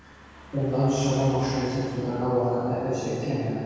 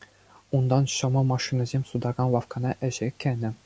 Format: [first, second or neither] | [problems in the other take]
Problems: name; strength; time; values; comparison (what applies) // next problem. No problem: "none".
second | background sound (Car passing by); 19 dB below the speech // room echo; dies away in 2.2 s